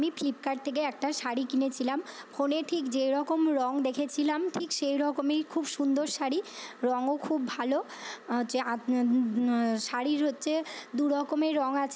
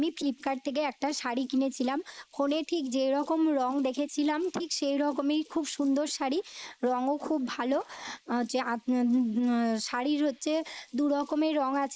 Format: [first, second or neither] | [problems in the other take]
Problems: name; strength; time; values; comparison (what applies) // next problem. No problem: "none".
first | noise reduction (neural mask model Resemble Enhance denoiser)